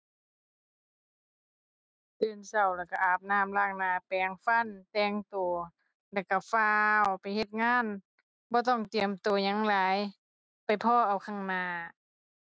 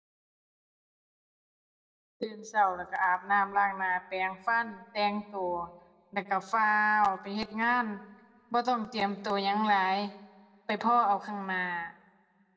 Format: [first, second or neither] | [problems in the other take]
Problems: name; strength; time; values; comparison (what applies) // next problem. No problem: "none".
first | room echo; dies away in 1 s